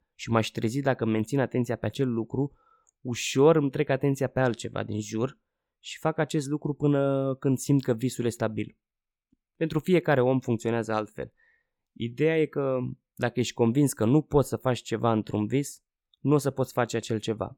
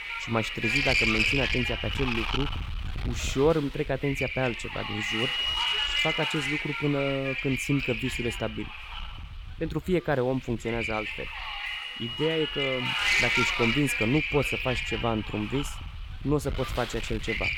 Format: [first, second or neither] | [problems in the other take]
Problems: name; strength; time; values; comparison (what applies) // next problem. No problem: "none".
first | wind noise on the microphone; heavy; 5 dB above the speech